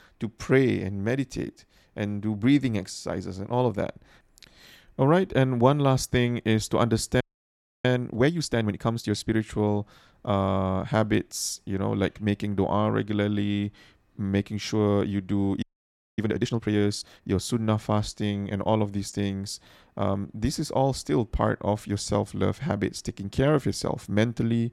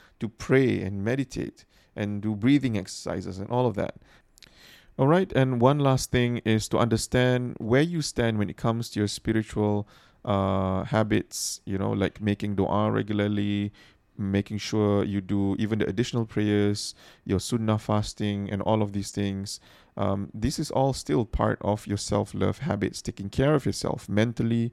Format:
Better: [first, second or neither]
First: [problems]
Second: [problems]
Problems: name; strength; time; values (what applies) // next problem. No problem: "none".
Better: second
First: audio freezing; at 7 s for 0.5 s and at 16 s for 0.5 s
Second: none